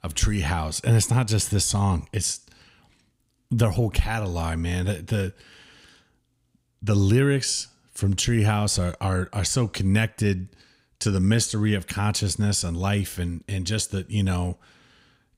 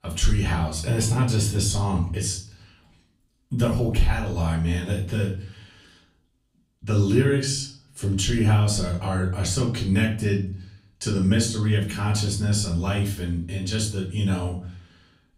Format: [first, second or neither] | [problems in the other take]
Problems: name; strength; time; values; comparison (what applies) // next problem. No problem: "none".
first | room echo; slight; dies away in 0.4 s // off-mic speech; far